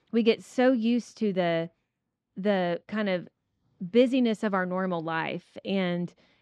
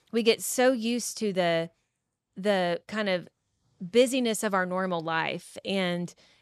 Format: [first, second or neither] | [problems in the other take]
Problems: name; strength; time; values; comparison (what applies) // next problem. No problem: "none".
second | muffled; slightly; fading above 3.5 kHz